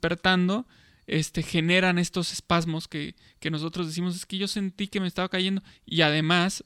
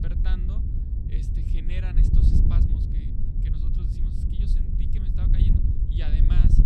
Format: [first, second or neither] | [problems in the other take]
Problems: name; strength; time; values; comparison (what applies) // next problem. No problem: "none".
first | wind noise on the microphone; heavy; 4 dB above the speech